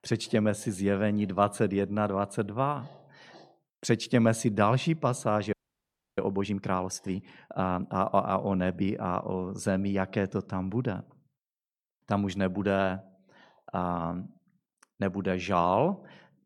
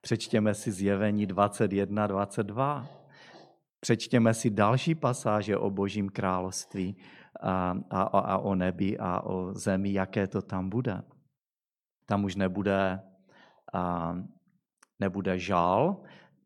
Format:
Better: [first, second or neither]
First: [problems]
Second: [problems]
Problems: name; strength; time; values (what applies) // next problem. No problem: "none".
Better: second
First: audio freezing; at 5.5 s for 0.5 s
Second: none